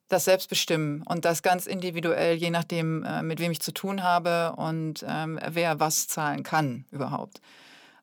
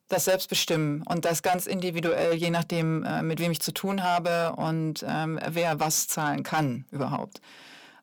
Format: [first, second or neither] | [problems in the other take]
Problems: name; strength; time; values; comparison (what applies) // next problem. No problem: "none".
first | distortion; slight; 10 dB below the speech